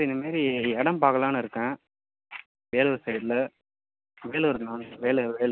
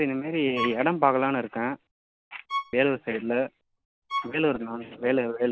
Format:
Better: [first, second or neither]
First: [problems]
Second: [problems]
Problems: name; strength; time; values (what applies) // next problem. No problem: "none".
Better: first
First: none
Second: background sound (Bowed string instrument); 11 dB below the speech